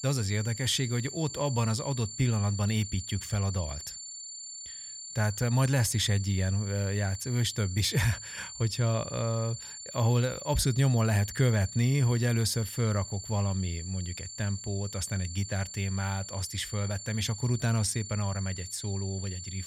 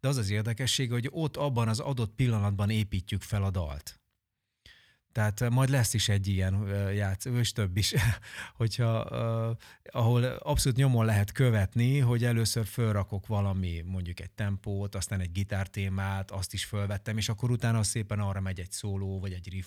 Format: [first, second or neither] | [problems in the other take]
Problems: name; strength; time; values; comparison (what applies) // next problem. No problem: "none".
second | high-pitched whine; loud; throughout; 7 kHz, 10 dB below the speech